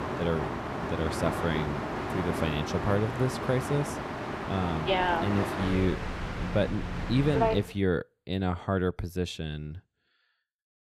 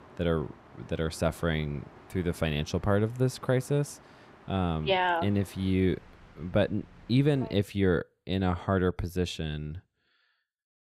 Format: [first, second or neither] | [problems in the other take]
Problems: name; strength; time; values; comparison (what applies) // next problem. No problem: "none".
second | train or aircraft noise; loud; until 7.5 s; 3 dB below the speech; faint in the second